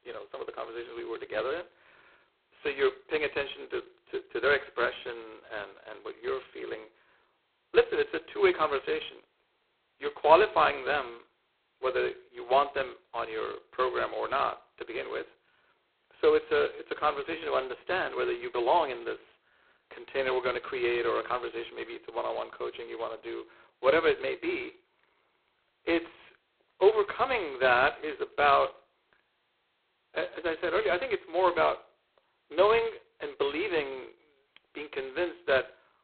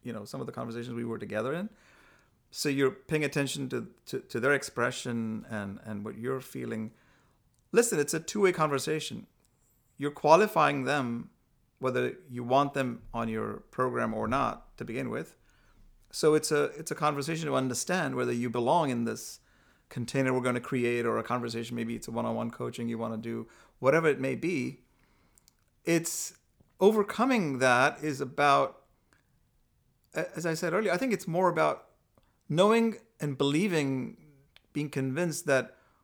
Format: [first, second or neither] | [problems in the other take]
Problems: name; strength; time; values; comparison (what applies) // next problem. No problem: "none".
second | phone-call audio; poor line; nothing above 4 kHz